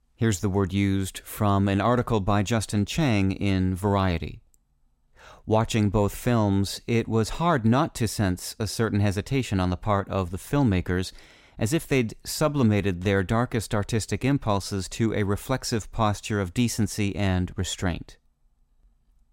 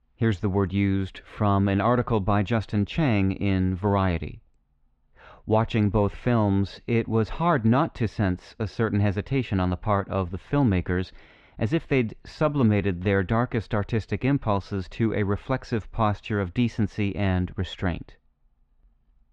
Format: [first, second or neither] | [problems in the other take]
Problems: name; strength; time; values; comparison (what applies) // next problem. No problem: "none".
first | muffled; slightly; fading above 3 kHz